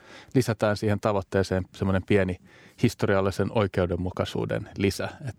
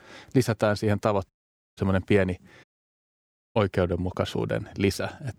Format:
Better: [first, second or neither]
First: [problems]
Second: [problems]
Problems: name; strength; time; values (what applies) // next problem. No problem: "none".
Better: first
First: none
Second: audio cutting out; at 1.5 s and at 2.5 s for 1 s